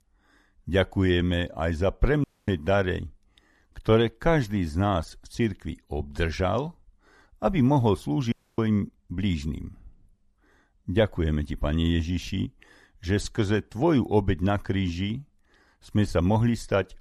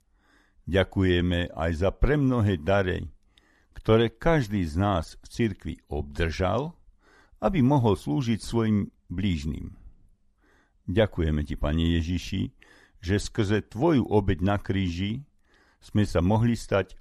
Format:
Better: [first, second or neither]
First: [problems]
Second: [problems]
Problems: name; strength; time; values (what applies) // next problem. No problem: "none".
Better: second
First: audio cutting out; at 2 s and at 8.5 s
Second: none